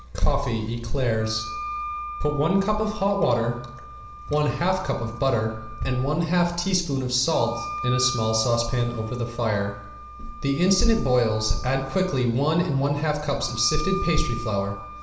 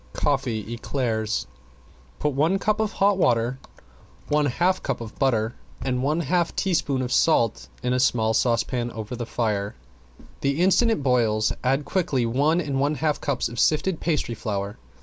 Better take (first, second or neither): second